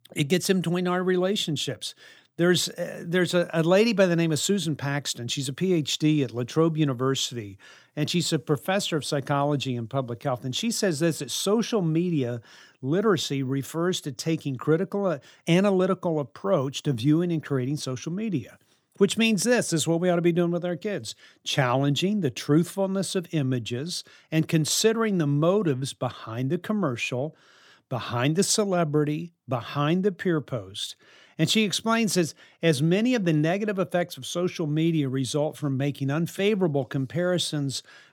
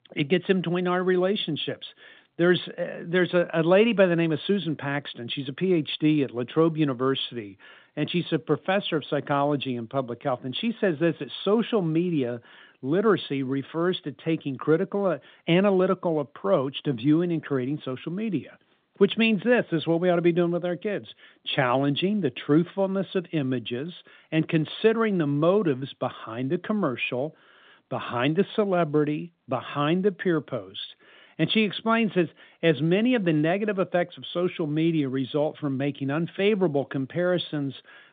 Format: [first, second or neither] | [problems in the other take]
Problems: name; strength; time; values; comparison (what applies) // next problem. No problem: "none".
first | phone-call audio; nothing above 3.5 kHz